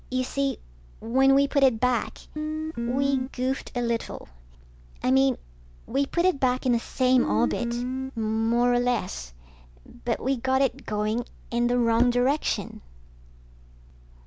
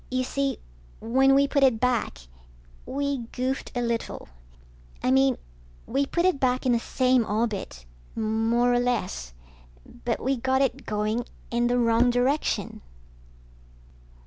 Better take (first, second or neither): second